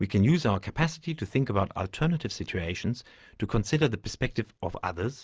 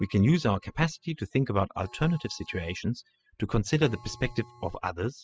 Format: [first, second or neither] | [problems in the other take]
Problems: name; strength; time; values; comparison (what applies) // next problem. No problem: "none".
first | noise reduction (classical method spectral subtraction)